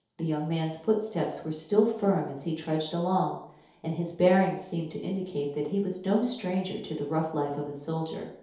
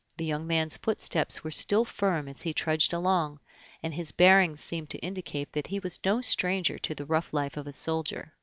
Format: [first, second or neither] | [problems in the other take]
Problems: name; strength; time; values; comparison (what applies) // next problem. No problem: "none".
second | room echo; dies away in 0.8 s